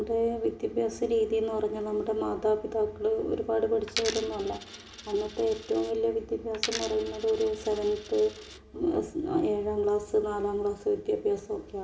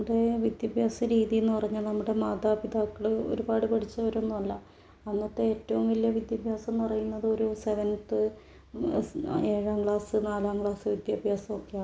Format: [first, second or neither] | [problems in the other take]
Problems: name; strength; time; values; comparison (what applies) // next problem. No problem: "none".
second | background sound (Coin (dropping)); 12 dB below the speech // room echo; dies away in 2.2 s